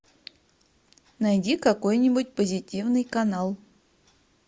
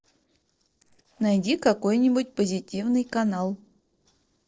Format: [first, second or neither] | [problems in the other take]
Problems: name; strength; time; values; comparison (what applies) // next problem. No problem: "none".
first | noise reduction (neural separator model SepFormer DNS4)